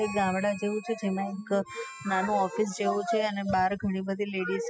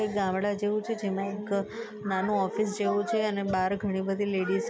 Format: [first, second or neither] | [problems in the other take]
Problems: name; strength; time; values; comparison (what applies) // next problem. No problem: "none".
second | noise reduction (classical method spectral subtraction)